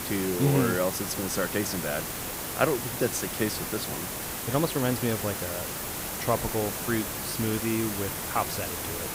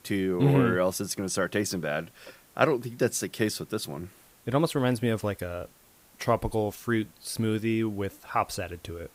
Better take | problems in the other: second | hiss; loud; throughout; 2 dB below the speech; faint in the second

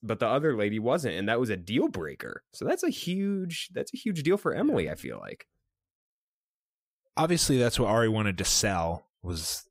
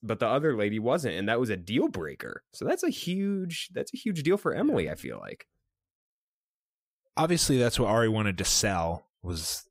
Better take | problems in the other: neither | none

